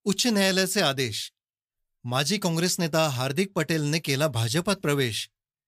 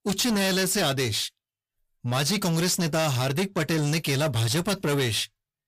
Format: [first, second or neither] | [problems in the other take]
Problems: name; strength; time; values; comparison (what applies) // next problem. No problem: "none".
first | distortion; heavy; 7 dB below the speech